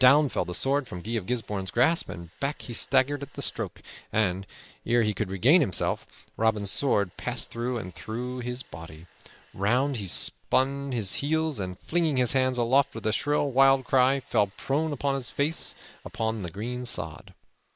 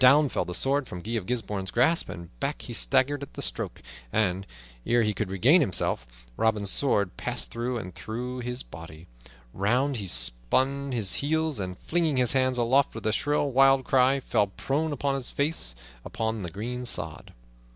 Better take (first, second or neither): second